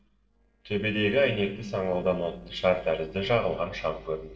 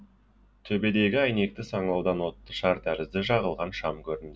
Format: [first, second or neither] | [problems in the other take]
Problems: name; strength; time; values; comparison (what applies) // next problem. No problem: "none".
second | noise reduction (neural separator model SepFormer DNS4)